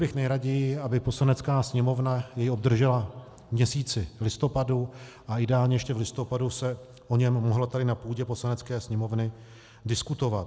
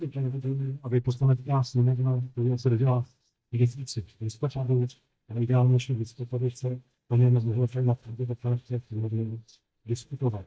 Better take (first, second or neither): first